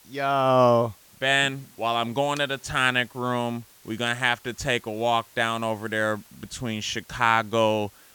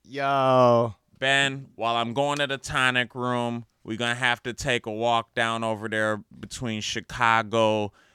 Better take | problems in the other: second | hiss; faint; throughout; 25 dB below the speech

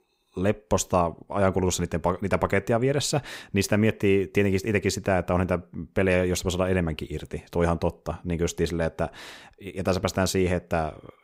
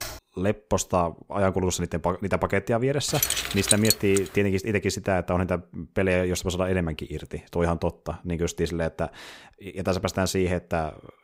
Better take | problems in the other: first | keyboard typing; faint; at the start; peak 10 dB below the speech // jangling keys; loud; from 3 to 4 s; peak 5 dB above the speech

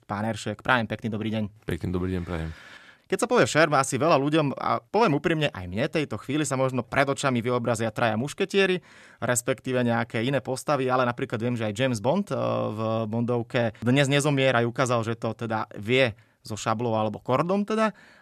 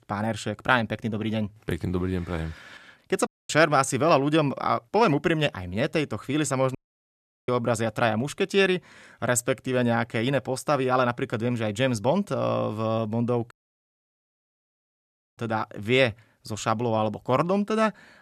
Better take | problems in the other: first | audio cutting out; at 3.5 s, at 7 s for 0.5 s and at 14 s for 2 s

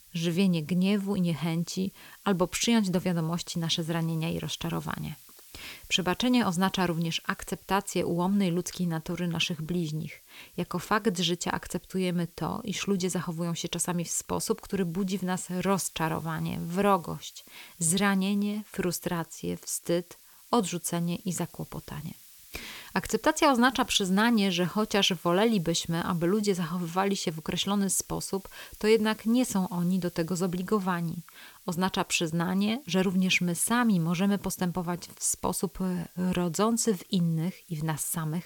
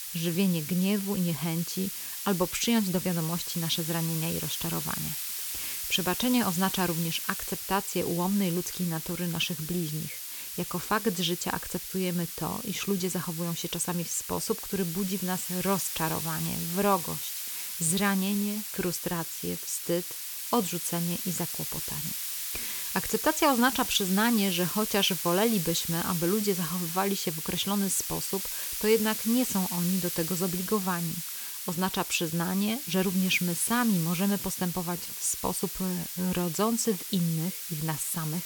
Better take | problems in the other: first | hiss; loud; throughout; 4 dB below the speech; faint in the first

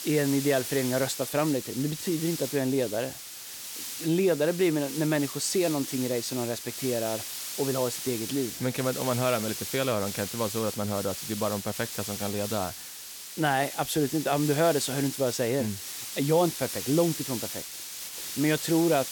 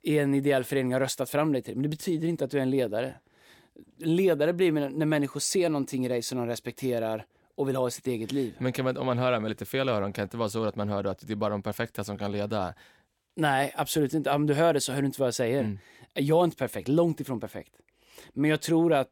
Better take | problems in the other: second | hiss; loud; throughout; 7 dB below the speech

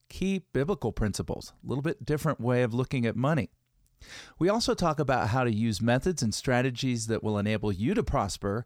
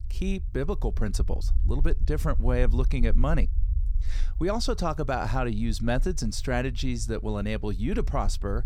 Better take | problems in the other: first | low rumble; faint; throughout; 20 dB below the speech

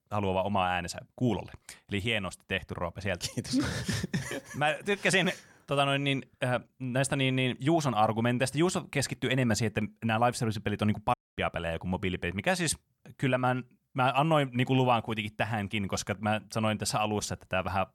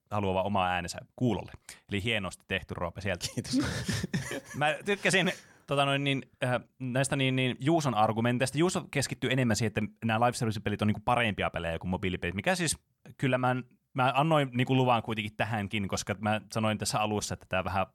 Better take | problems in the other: second | audio cutting out; at 11 s

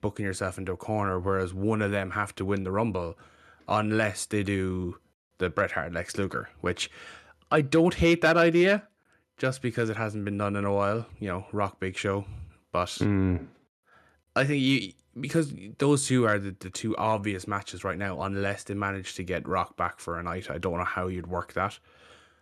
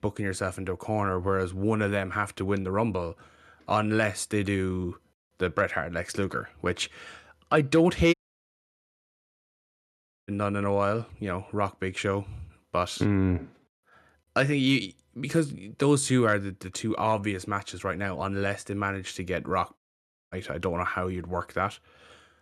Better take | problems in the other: first | audio cutting out; at 8 s for 2 s and at 20 s for 0.5 s

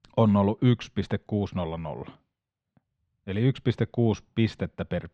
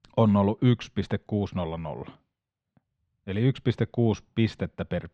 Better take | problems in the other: neither | muffled; very; fading above 3 kHz; the same in both

